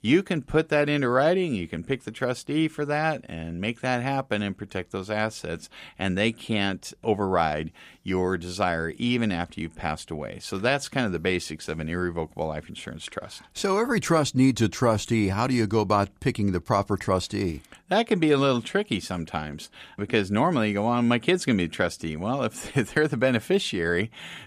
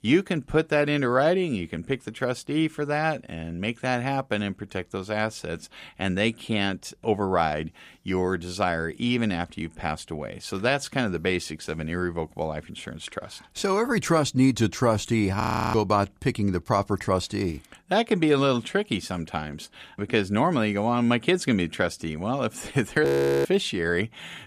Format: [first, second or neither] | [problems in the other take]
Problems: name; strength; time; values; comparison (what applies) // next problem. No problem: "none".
first | audio freezing; at 15 s and at 23 s